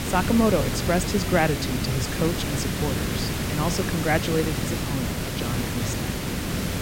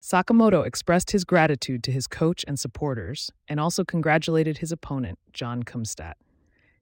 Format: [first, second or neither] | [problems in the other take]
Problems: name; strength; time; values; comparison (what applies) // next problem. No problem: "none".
second | hiss; loud; throughout; 1 dB below the speech